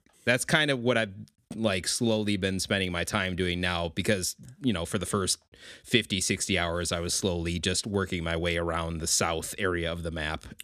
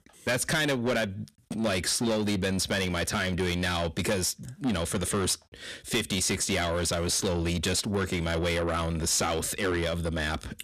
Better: first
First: none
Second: distortion; heavy; 6 dB below the speech

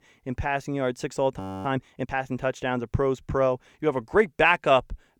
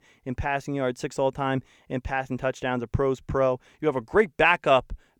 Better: second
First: audio freezing; at 1.5 s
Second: none

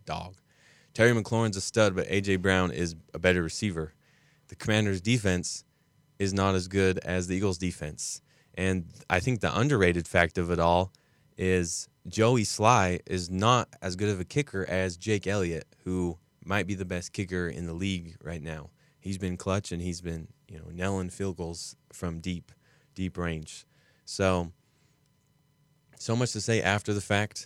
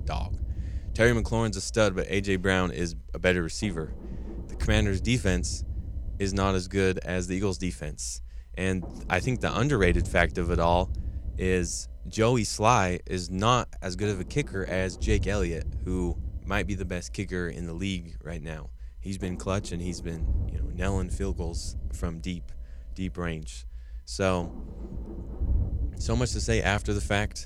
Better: first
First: none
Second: low rumble; faint; throughout; 20 dB below the speech

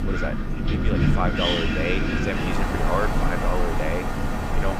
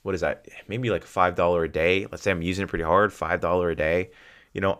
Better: second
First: wind in the background; very loud; throughout; 4 dB above the speech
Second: none

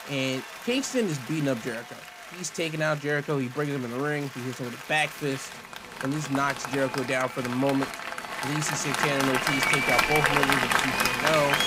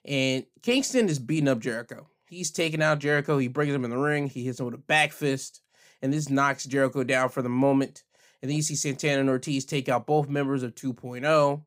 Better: second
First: crowd noise; very loud; throughout; 2 dB above the speech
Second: none

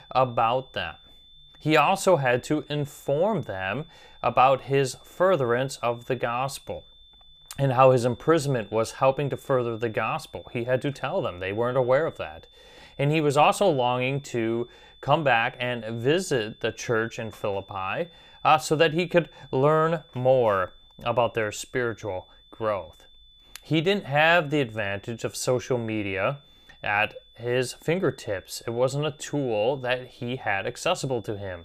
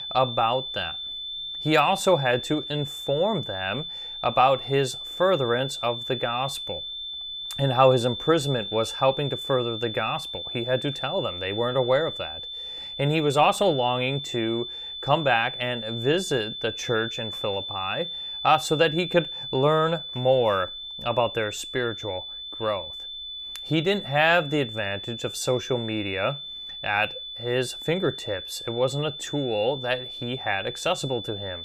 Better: first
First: high-pitched whine; faint; throughout; 3.5 kHz, 25 dB below the speech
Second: high-pitched whine; loud; throughout; 3.5 kHz, 7 dB below the speech

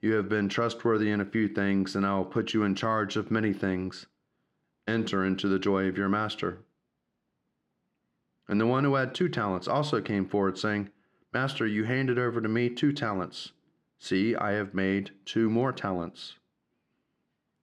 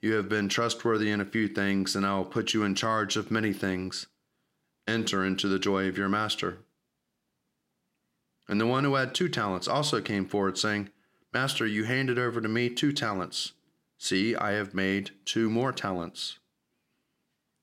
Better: second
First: muffled; slightly; fading above 1.5 kHz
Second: none

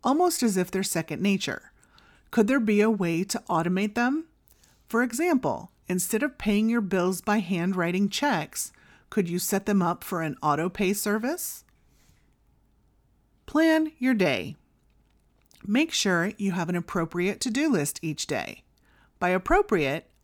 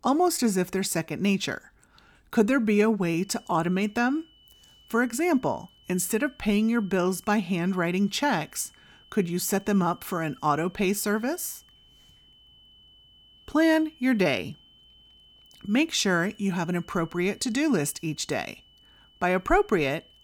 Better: first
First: none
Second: high-pitched whine; faint; from 3 s on; 3 kHz, 30 dB below the speech

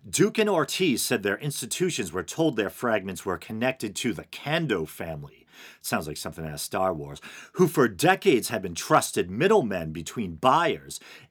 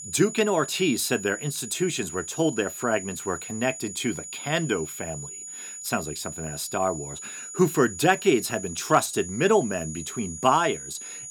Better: first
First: none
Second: high-pitched whine; loud; throughout; 7 kHz, 10 dB below the speech

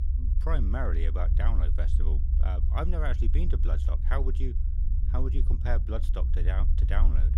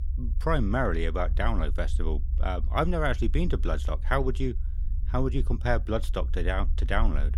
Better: second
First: low rumble; loud; throughout; 9 dB below the speech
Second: low rumble; faint; throughout; 20 dB below the speech

